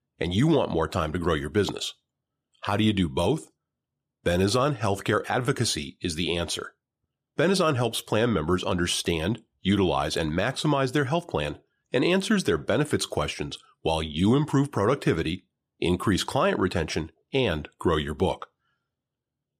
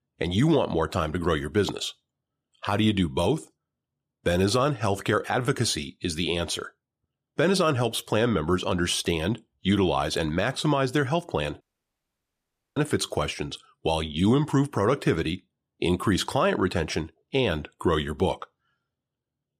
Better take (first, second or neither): first